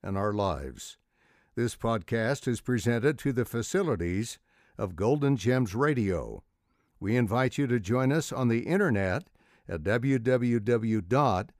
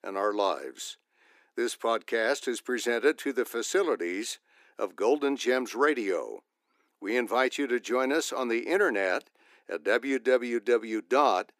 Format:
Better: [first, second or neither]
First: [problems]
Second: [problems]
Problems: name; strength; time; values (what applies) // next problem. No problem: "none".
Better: first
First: none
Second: thin; somewhat; fading below 300 Hz